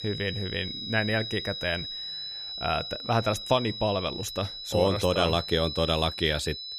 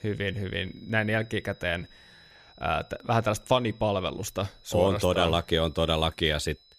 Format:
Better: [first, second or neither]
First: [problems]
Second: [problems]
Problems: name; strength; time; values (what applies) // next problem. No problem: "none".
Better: second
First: high-pitched whine; loud; throughout; 4 kHz, 7 dB below the speech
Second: high-pitched whine; faint; throughout; 4 kHz, 30 dB below the speech